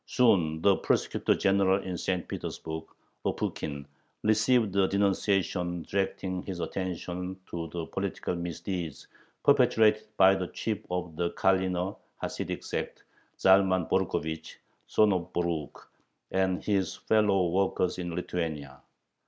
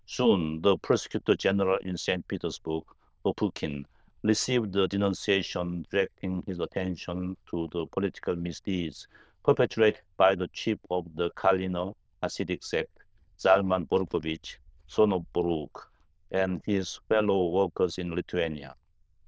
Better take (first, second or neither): first